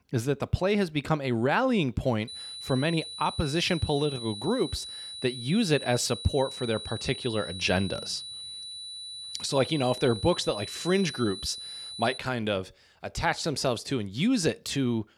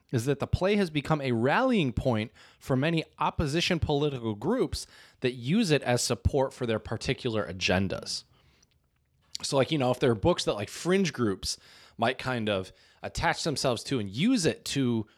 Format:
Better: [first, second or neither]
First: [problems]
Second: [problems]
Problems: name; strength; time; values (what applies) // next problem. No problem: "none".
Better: second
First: high-pitched whine; loud; from 2.5 to 12 s; 4 kHz, 9 dB below the speech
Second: none